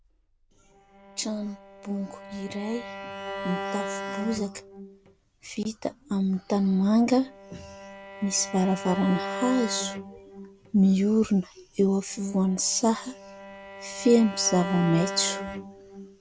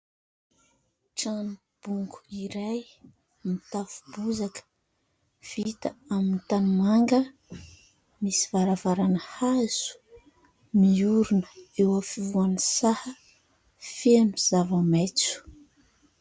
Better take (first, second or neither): second